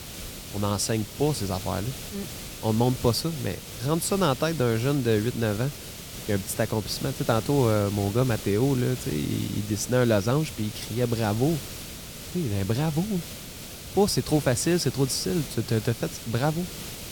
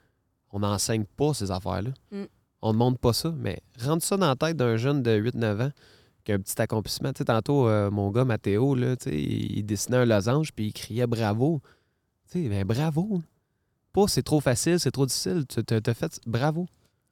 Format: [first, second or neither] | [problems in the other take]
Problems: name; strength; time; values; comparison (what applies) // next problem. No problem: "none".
second | hiss; noticeable; throughout; 10 dB below the speech